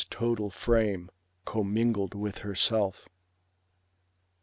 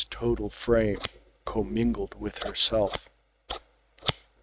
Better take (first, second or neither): first